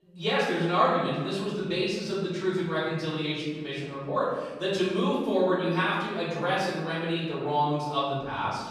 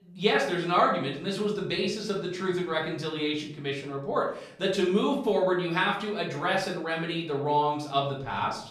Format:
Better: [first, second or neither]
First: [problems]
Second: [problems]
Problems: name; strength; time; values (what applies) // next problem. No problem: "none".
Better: second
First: room echo; strong; dies away in 1.3 s // off-mic speech; far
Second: room echo; slight; dies away in 0.5 s // off-mic speech; far